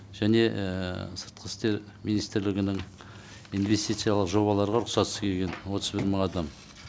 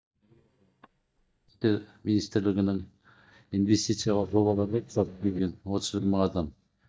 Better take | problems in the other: first | noise reduction (neural mask model DeepFilterNet 3)

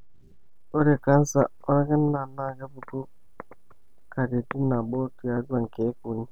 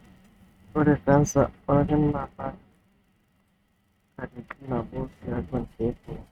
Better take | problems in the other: first | noise reduction (neural mask model RNNoise)

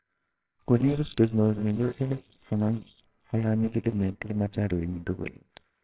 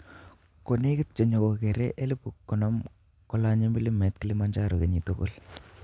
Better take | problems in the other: second | noise reduction (neural separator model SepFormer WHAMR!)

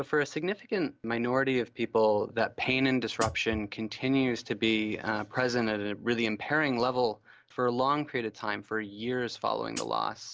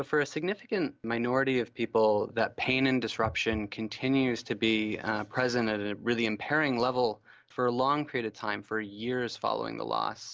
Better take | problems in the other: second | background sound (Hi-hat); 10 dB below the speech

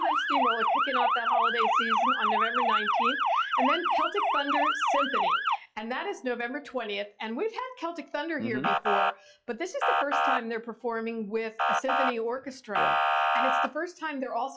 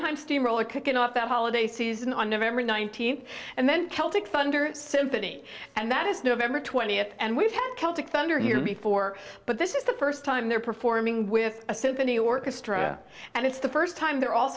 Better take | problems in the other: second | noise reduction (classical method log-MMSE)

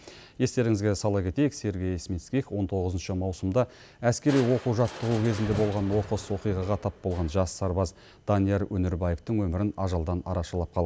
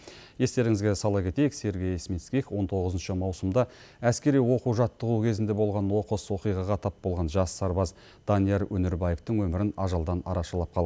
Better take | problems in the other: second | background sound (Crushing); 17 dB below the speech

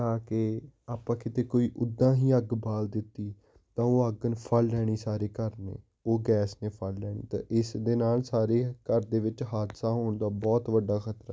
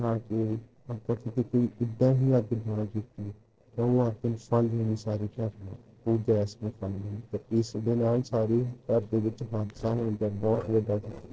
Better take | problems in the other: first | noise reduction (neural separator model SepFormer DNS4)

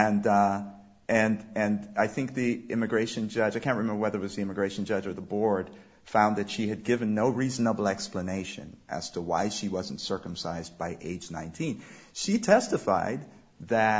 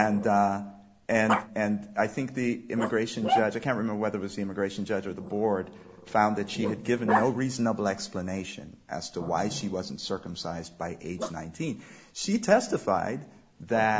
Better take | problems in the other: first | background sound (Growling); 8 dB below the speech

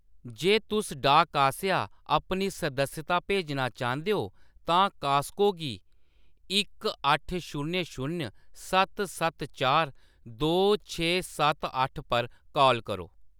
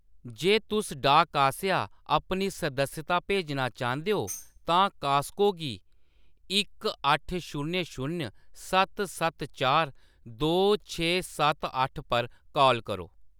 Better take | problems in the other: first | background sound (Tambourine); 18 dB below the speech

